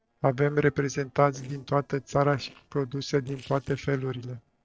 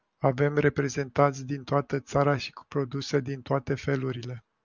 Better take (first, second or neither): second